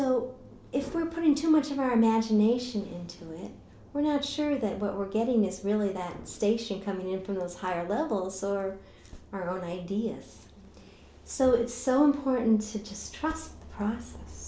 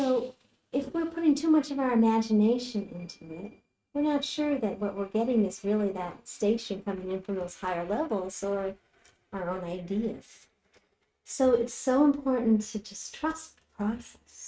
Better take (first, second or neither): first